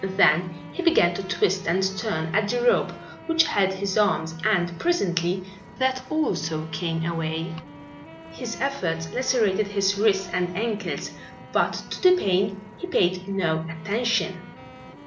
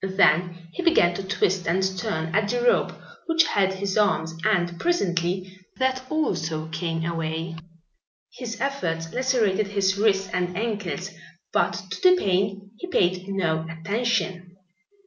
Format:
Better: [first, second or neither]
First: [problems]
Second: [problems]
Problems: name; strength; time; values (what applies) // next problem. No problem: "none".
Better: second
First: background sound (Wind instrument, woodwind instrument + Vehicle); 17 dB below the speech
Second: none